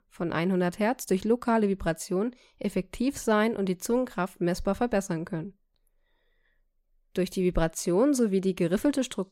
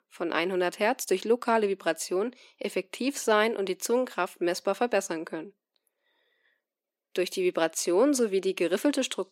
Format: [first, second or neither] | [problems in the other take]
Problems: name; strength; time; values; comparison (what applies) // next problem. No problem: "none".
first | thin; very slightly; fading below 300 Hz